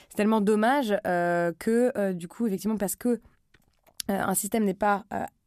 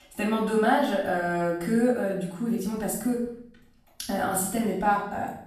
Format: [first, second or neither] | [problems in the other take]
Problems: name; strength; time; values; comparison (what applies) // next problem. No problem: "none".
first | off-mic speech; far // room echo; noticeable; dies away in 0.7 s